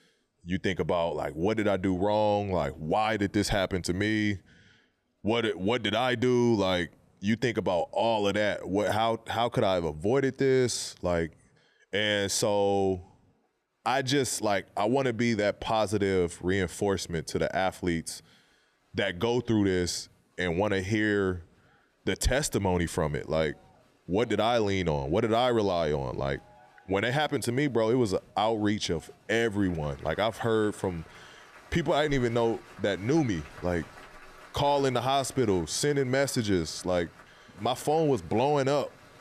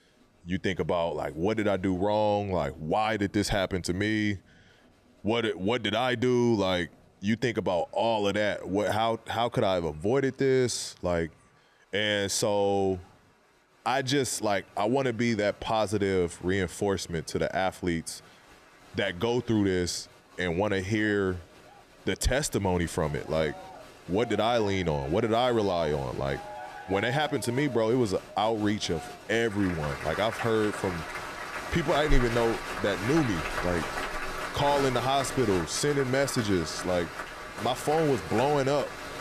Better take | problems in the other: first | crowd noise; loud; throughout; 9 dB below the speech; faint in the first

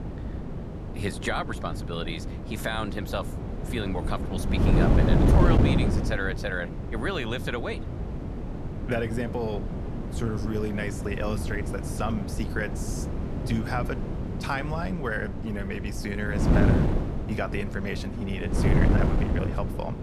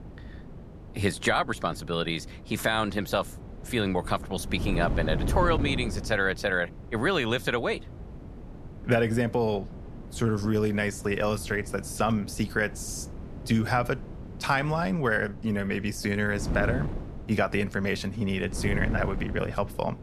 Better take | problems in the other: second | wind noise on the microphone; heavy; 3 dB below the speech; occasional gusts in the second

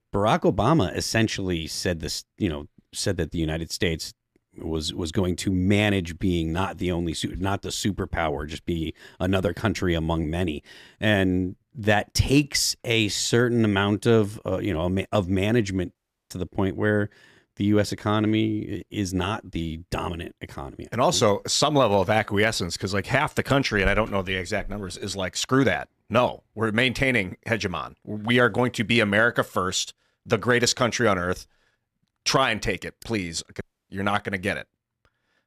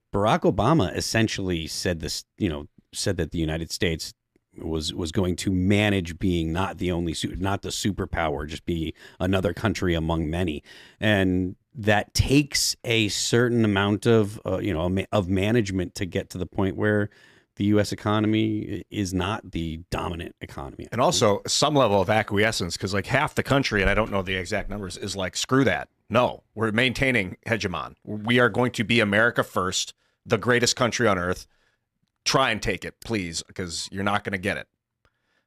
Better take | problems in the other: second | audio cutting out; at 16 s and at 34 s

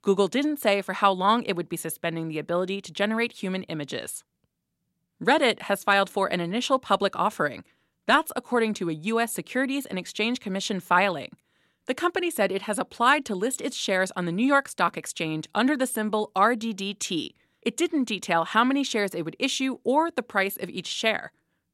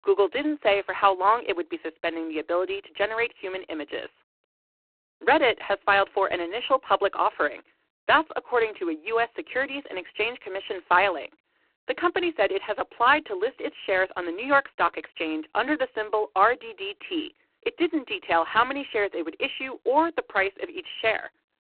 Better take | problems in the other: first | phone-call audio; poor line; nothing above 4 kHz

